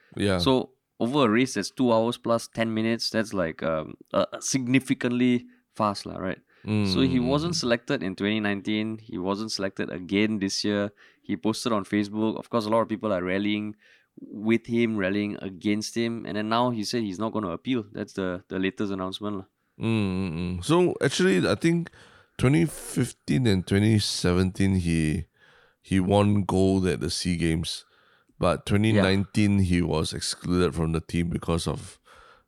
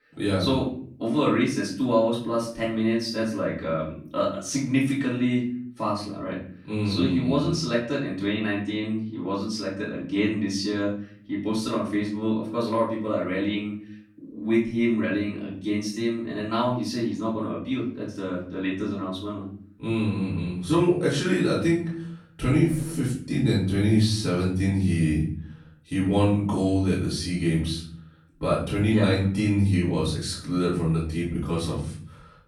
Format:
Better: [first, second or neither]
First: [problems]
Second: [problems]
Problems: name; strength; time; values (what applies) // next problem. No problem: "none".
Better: first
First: none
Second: off-mic speech; far // room echo; noticeable; dies away in 0.5 s